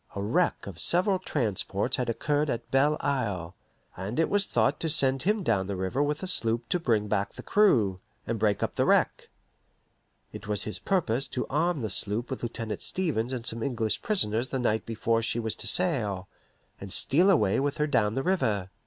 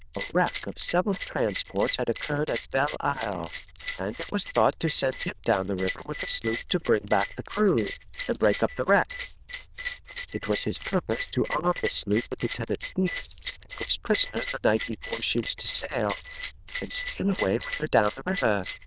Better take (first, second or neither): first